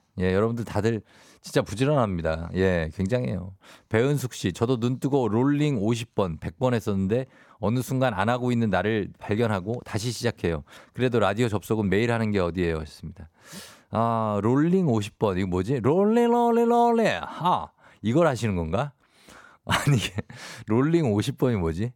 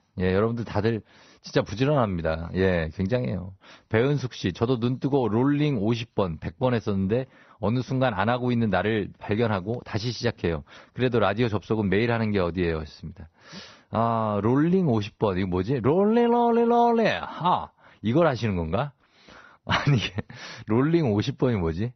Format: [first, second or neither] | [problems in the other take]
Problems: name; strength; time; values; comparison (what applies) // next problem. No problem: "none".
first | garbled, watery; slightly; nothing above 6 kHz